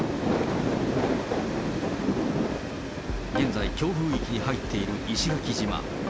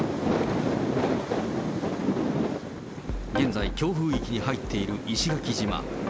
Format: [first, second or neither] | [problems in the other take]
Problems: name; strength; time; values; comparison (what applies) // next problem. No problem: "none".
second | background sound (Train); 9 dB below the speech